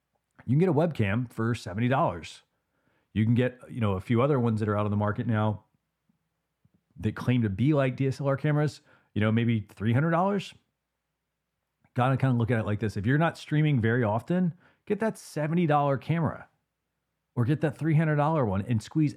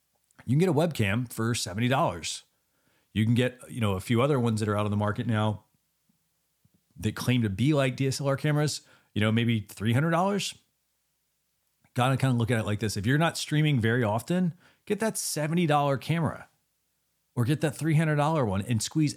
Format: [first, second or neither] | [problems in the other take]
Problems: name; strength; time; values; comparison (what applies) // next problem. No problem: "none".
second | muffled; slightly; fading above 3 kHz